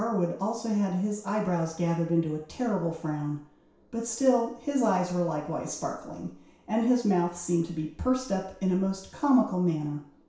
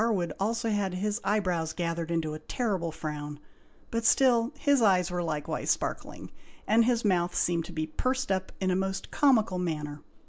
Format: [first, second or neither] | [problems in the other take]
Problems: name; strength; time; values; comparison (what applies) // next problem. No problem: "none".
second | room echo; dies away in 0.6 s